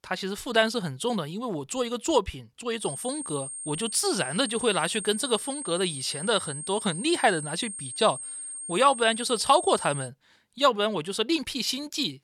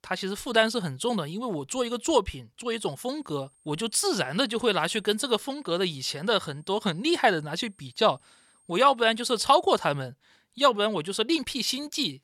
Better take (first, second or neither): second